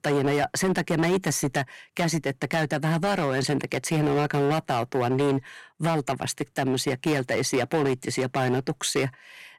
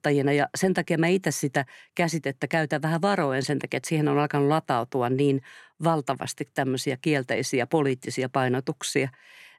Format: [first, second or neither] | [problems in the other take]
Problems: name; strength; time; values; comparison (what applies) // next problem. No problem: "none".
second | distortion; heavy; 12% of the sound clipped